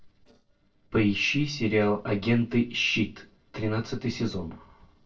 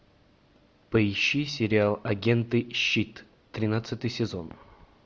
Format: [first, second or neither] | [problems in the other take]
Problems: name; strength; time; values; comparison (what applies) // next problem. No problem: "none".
second | noise reduction (neural separator model SepFormer DNS4)